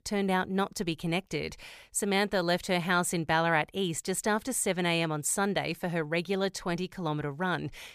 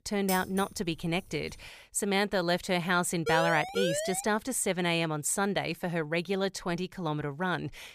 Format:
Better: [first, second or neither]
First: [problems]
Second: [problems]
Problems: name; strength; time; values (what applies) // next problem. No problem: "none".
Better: first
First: none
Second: jangling keys; noticeable; until 1.5 s; peak 7 dB below the speech // siren; noticeable; at 3.5 s; peak 1 dB below the speech